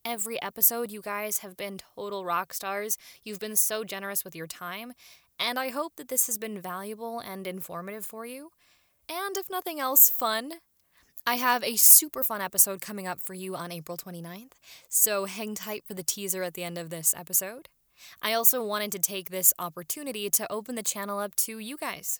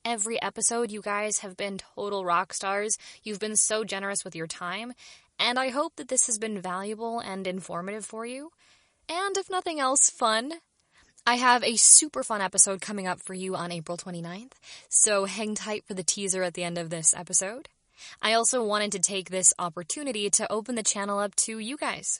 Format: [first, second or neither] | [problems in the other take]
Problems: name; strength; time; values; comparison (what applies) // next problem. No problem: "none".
first | garbled, watery; slightly; nothing above 10.5 kHz